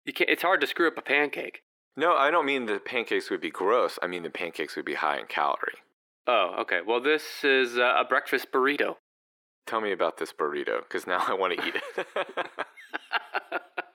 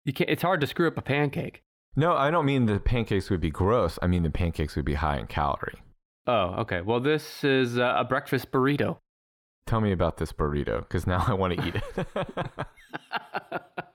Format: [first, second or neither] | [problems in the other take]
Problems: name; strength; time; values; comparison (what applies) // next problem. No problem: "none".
second | thin; somewhat; fading below 350 Hz